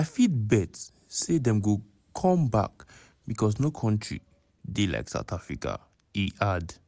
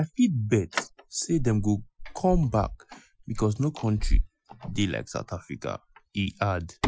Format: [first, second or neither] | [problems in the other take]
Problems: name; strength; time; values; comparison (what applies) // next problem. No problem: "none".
first | noise reduction (classical method Wiener filter)